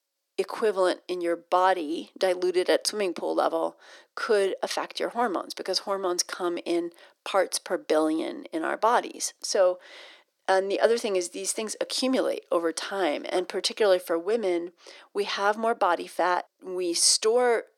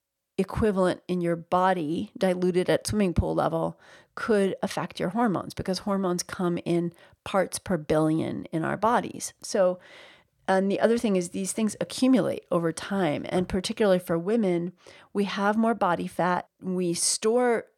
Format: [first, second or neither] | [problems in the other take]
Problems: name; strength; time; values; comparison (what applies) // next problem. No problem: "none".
second | thin; somewhat; fading below 300 Hz